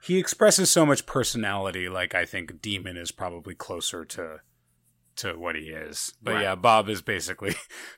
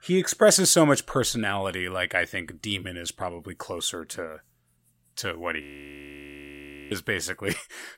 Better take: first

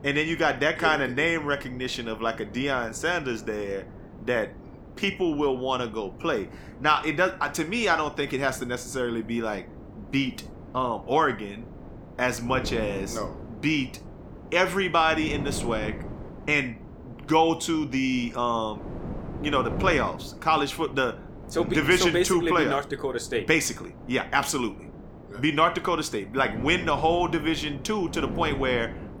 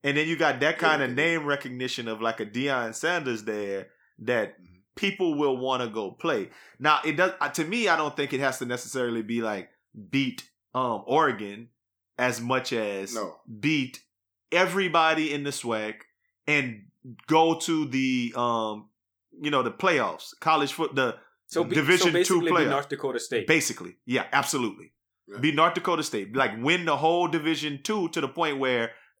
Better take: second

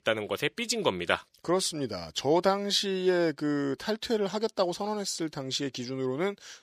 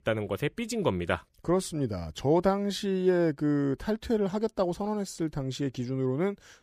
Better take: second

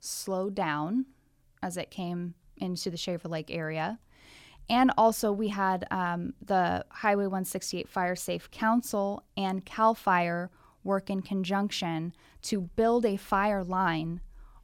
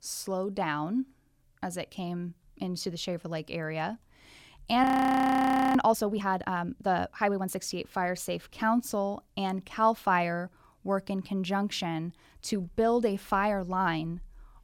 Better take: first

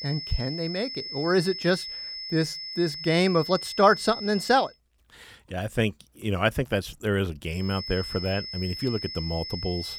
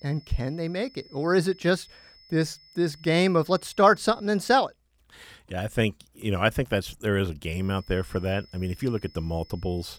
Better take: second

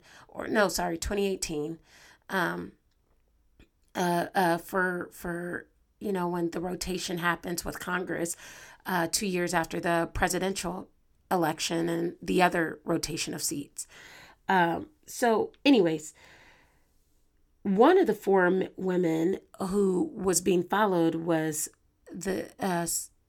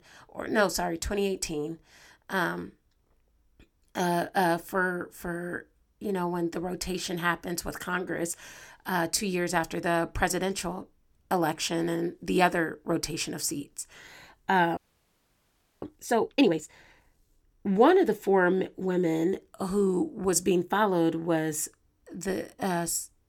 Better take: first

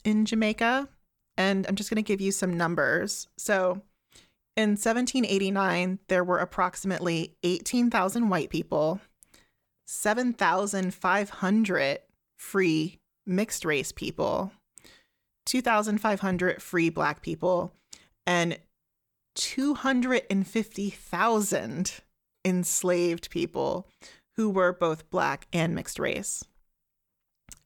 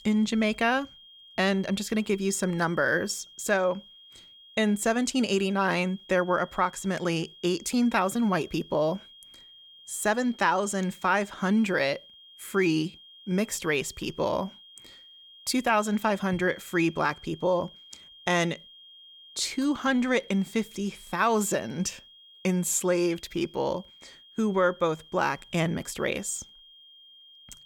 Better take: first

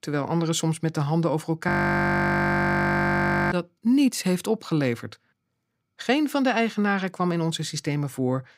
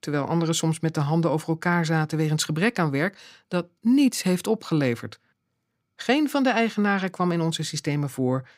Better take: second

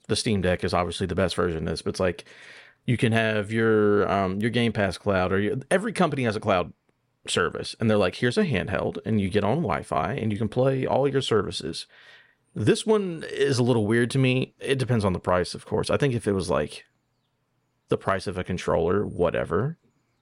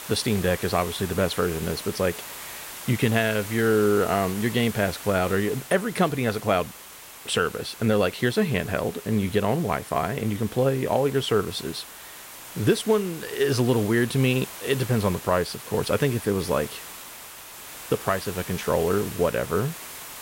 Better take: first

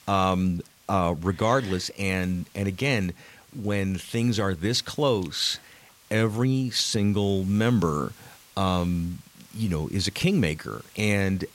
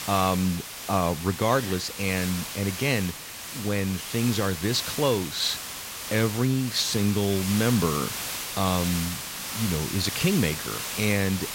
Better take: first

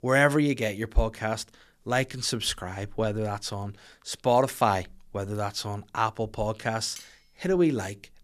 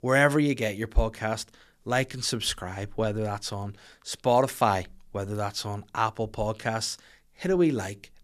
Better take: second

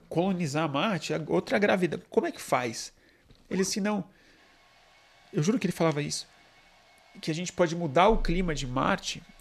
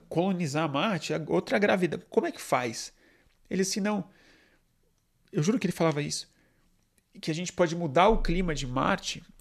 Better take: second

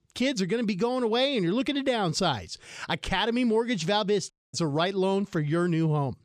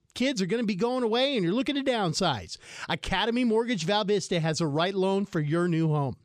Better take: second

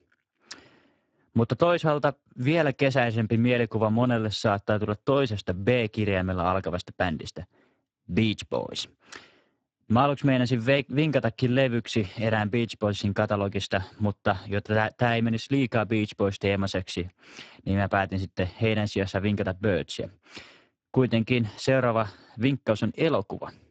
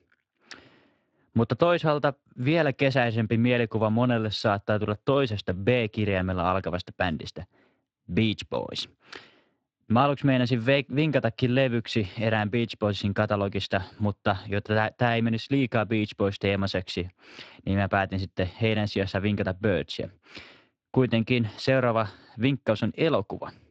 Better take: second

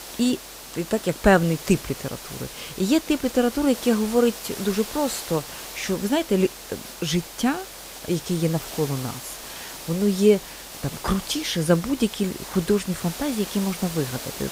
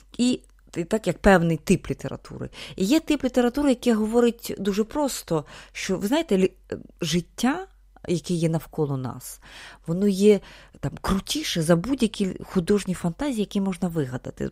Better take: second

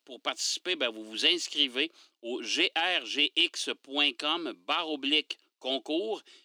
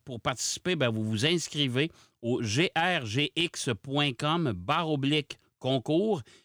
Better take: second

